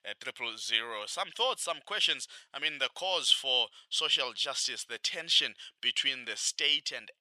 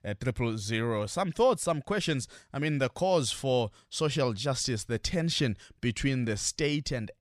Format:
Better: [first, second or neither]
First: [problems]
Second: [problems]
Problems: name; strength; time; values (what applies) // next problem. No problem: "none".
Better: second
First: thin; very; fading below 850 Hz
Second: none